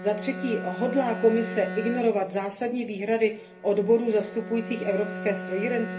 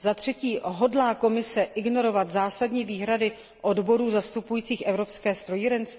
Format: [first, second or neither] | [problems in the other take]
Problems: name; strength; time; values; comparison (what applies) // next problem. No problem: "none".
second | background sound (Bowed string instrument); 10 dB below the speech // room echo; dies away in 0.3 s